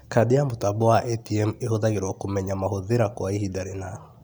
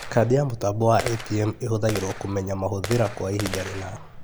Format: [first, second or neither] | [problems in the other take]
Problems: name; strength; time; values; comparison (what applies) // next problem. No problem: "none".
first | background sound (Gunshot, gunfire); 11 dB below the speech